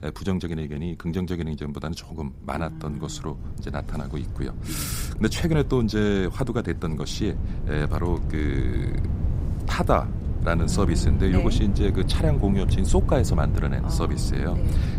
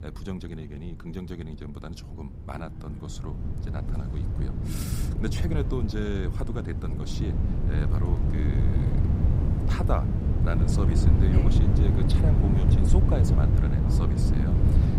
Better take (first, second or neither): first